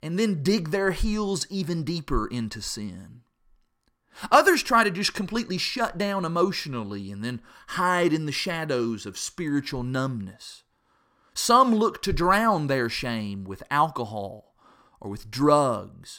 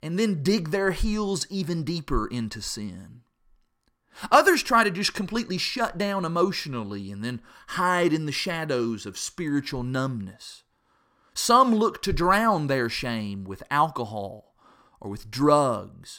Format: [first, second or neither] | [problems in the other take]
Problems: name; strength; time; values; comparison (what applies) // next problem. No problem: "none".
neither | none